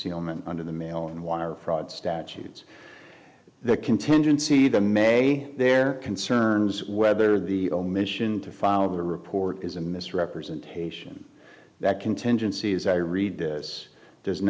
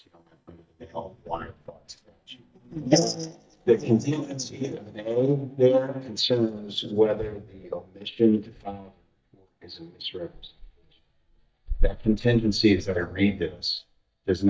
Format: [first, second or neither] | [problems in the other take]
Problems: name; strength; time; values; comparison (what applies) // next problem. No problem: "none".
first | noise reduction (neural mask model DeepFilterNet 3)